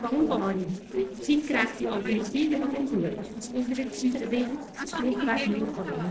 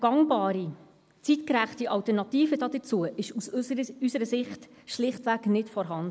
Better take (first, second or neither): second